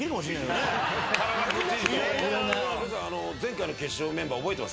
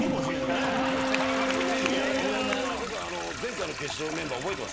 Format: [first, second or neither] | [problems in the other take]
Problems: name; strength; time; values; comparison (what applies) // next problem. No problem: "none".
first | background sound (Toilet flush + Wind instrument, woodwind instrument); as loud as the speech